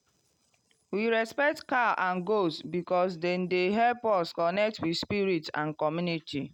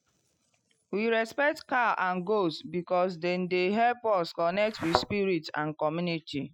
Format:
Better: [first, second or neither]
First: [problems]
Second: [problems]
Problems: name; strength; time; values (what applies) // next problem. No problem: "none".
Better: first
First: none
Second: noise reduction (classical method Wiener filter)